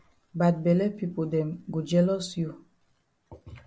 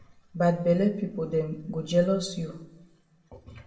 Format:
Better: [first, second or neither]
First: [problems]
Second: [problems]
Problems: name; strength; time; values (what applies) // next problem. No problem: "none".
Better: first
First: none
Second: room echo; dies away in 0.6 s